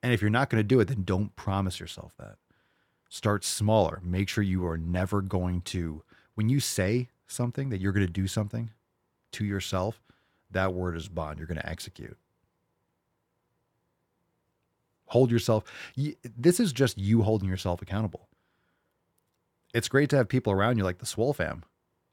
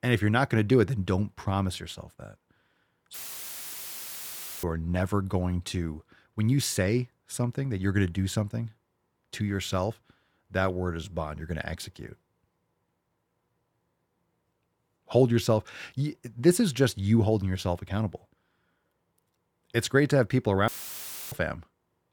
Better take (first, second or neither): first